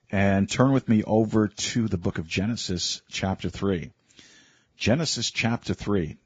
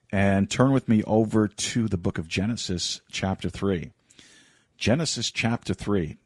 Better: second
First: garbled, watery; badly; nothing above 7.5 kHz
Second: garbled, watery; slightly; nothing above 10 kHz

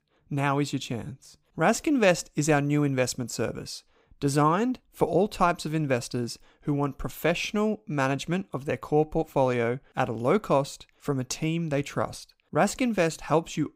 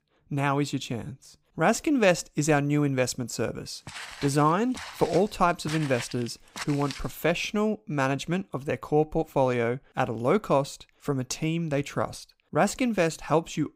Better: first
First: none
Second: footsteps; noticeable; from 4 to 7 s; peak 9 dB below the speech

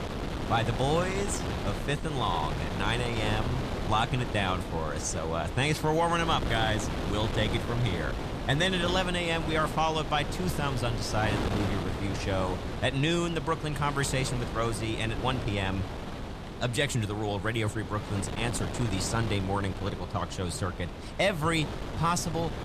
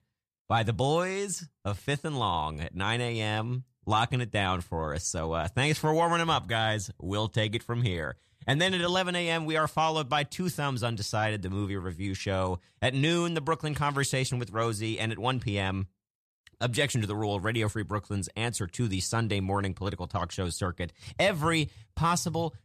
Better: second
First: wind noise on the microphone; heavy; 7 dB below the speech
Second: none

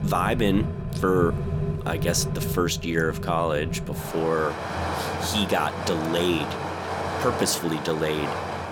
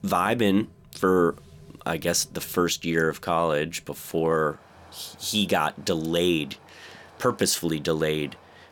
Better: second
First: rain or running water; loud; throughout; 4 dB below the speech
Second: rain or running water; faint; throughout; 25 dB below the speech

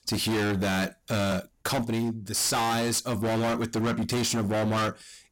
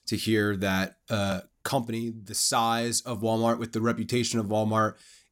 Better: second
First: distortion; heavy; 33% of the sound clipped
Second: none

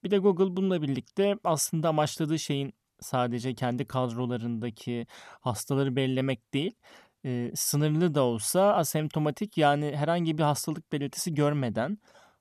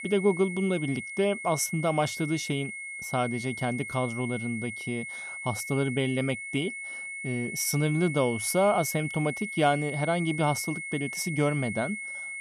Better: first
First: none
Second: high-pitched whine; loud; throughout; 2 kHz, 7 dB below the speech

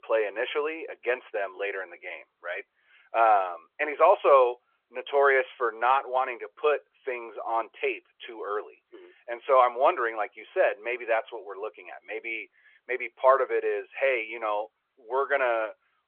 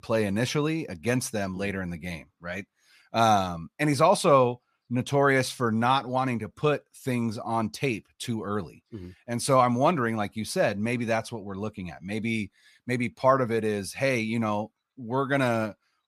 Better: second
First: phone-call audio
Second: none

